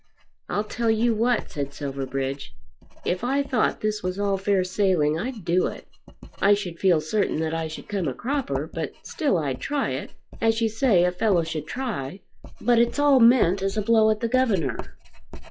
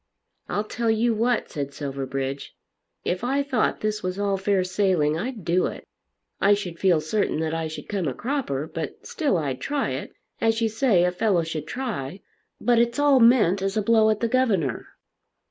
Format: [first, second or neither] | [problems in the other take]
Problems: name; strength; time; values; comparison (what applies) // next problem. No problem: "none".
second | noise reduction (classical method log-MMSE)